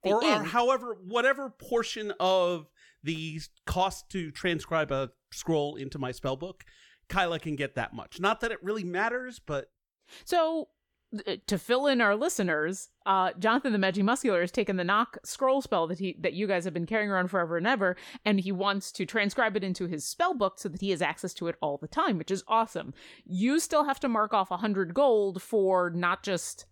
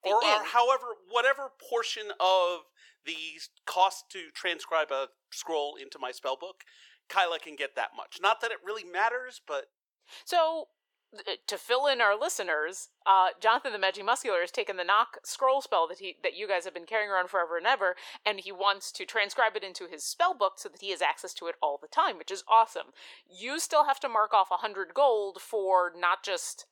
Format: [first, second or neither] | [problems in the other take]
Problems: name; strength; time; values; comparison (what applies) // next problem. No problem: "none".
first | thin; very; fading below 450 Hz